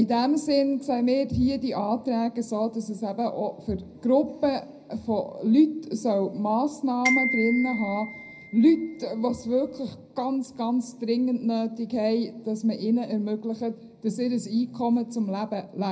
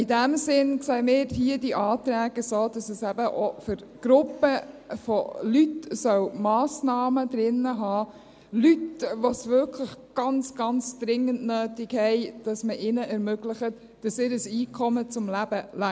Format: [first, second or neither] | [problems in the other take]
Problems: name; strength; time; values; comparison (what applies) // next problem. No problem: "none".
second | background sound (Glockenspiel); 6 dB below the speech // room echo; dies away in 0.4 s